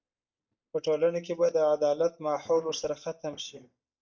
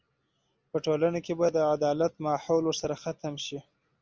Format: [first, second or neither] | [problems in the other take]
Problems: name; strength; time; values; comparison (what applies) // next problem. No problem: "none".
second | noise reduction (neural mask model DeepFilterNet 3)